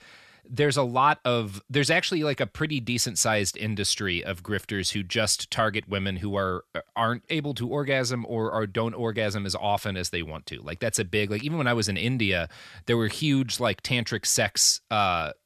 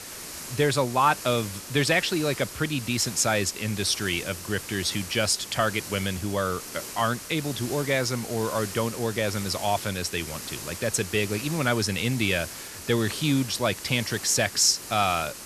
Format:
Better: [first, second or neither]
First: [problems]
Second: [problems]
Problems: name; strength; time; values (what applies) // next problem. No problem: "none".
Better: first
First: none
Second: hiss; noticeable; throughout; 10 dB below the speech